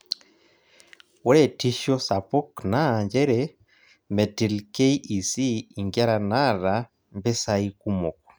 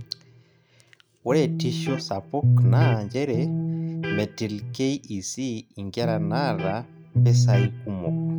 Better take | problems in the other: first | background sound (Electric guitar); 4 dB above the speech

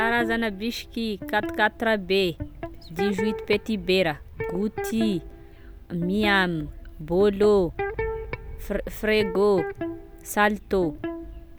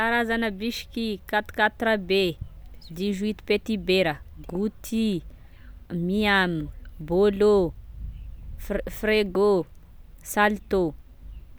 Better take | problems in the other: second | background sound (Electric guitar); 10 dB below the speech

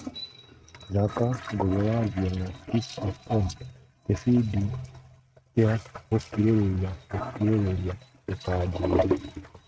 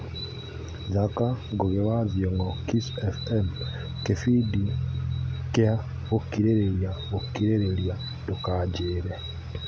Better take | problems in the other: second | noise reduction (neural mask model RNNoise)

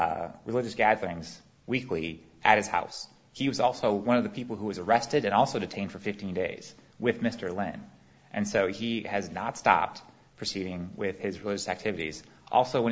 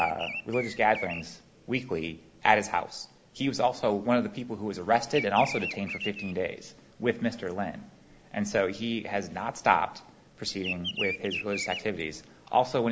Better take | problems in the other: first | background sound (Bird vocalization, bird call, bird song); 12 dB below the speech

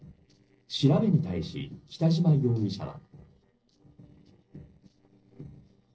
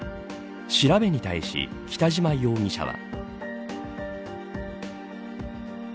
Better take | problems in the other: second | noise reduction (neural separator model SepFormer DNS4)

